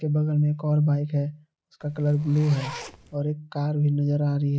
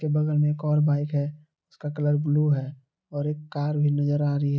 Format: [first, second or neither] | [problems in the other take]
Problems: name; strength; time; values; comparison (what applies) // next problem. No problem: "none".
second | background sound (Zipper (clothing)); 16 dB below the speech